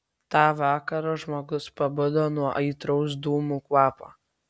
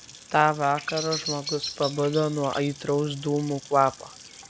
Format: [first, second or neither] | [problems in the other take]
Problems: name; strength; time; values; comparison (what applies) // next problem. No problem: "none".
first | background sound (Sink (filling or washing) / Water tap, faucet / Splash, splatter + Bird vocalization, bird call, bird song); 12 dB below the speech